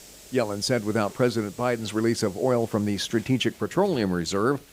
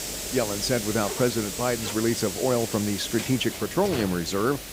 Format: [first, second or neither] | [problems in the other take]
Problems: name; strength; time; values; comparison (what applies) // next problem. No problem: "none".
first | hiss; loud; throughout; 5 dB below the speech; faint in the first